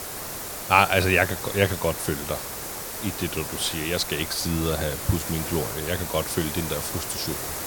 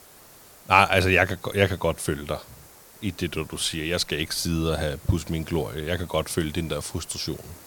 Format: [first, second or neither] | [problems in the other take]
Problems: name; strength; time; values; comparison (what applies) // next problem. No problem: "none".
second | hiss; loud; throughout; 5 dB below the speech; faint in the second